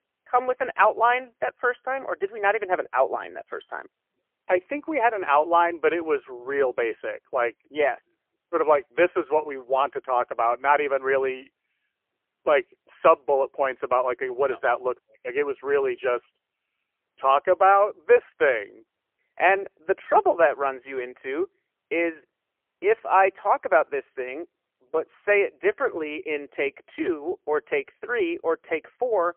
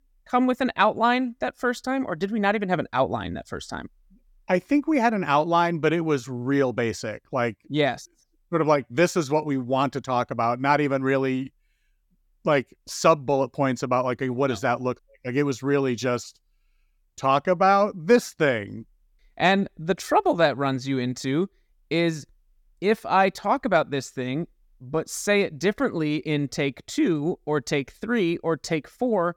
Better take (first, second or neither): second